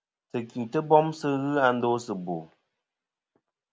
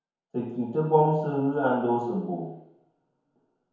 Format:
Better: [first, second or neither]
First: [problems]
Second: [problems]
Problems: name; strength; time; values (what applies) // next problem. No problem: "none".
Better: first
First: none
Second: room echo; dies away in 0.9 s